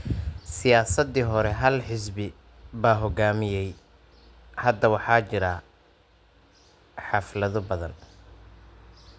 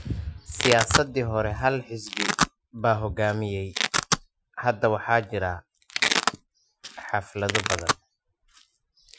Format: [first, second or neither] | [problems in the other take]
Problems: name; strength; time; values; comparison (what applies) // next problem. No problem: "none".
first | noise reduction (classical method Wiener filter)